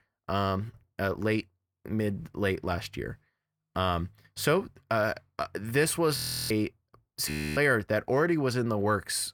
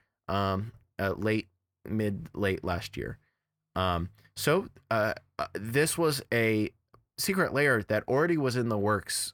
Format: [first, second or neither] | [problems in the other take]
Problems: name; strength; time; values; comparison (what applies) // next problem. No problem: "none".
second | audio freezing; at 6 s and at 7.5 s